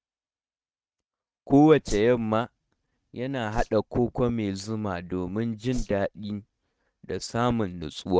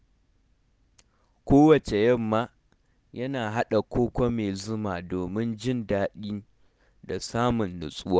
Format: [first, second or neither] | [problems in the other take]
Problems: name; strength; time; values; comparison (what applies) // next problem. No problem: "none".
second | noise reduction (neural mask model RNNoise)